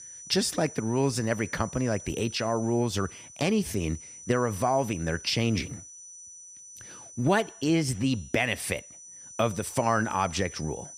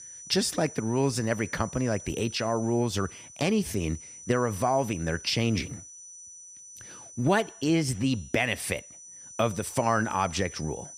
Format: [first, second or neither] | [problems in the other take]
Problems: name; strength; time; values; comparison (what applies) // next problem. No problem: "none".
neither | high-pitched whine; noticeable; throughout; 6 kHz, 15 dB below the speech; the same in both